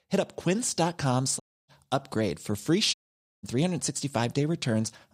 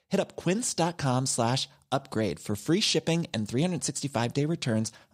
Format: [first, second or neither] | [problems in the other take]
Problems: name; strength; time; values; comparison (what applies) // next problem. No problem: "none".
second | audio cutting out; at 1.5 s and at 3 s